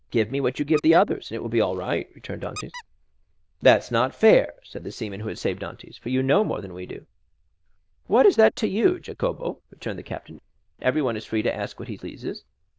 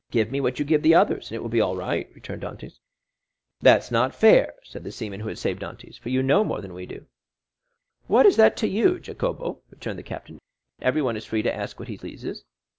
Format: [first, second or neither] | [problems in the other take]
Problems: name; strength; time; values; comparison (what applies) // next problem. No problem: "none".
second | noise reduction (neural diffusion model UNIVERSE++)